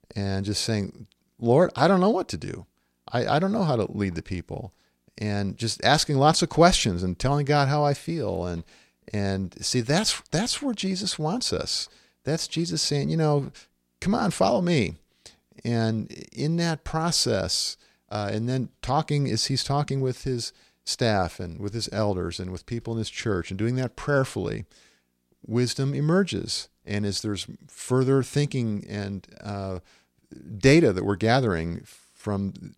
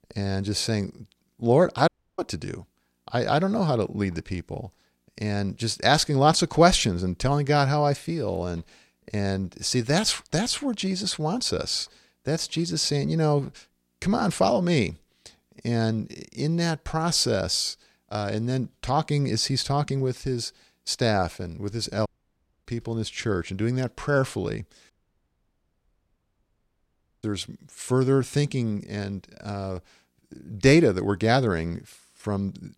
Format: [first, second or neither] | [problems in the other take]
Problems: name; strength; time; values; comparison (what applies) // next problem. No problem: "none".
first | audio cutting out; at 2 s, at 22 s for 0.5 s and at 25 s for 2.5 s